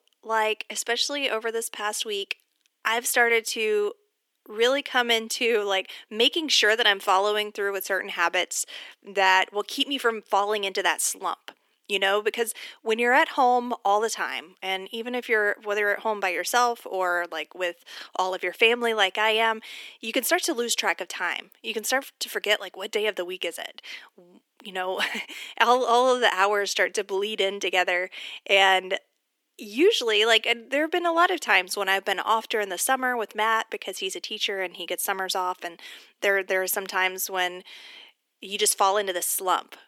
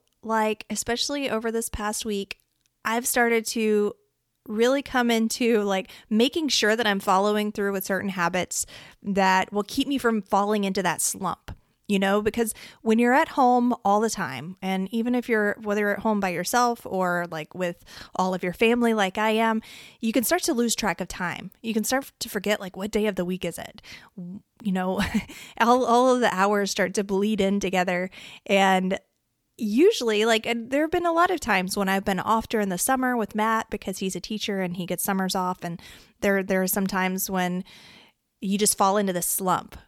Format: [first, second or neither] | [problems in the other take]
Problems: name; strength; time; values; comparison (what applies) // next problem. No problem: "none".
second | thin; somewhat; fading below 300 Hz